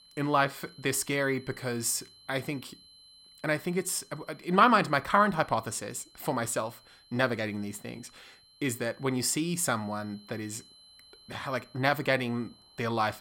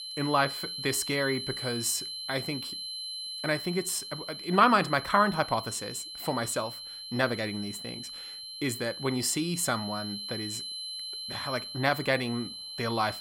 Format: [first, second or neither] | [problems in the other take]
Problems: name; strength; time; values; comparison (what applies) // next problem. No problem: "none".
first | high-pitched whine; loud; throughout; 4 kHz, 7 dB below the speech; faint in the first